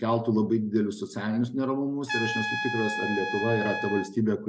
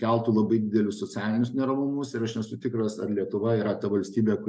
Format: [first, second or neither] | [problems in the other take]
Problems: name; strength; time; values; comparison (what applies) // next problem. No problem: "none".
second | background sound (Trumpet); 7 dB below the speech